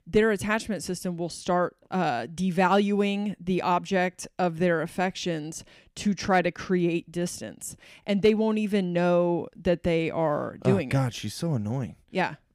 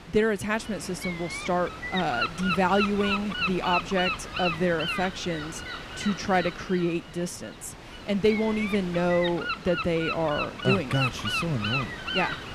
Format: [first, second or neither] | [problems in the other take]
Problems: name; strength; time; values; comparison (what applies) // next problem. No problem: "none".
first | wind noise on the microphone; heavy; 1 dB below the speech